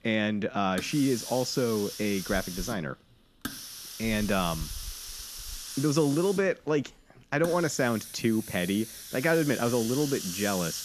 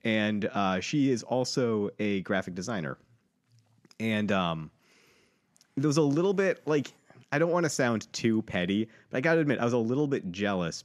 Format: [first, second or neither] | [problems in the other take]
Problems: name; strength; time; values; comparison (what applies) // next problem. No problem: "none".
second | hiss; loud; throughout; 9 dB below the speech